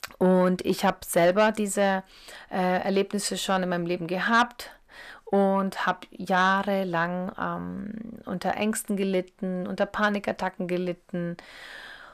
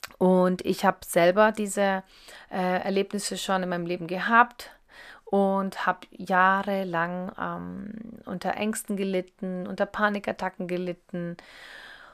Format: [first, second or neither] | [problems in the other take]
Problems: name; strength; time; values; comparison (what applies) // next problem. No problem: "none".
second | distortion; slight; 10 dB below the speech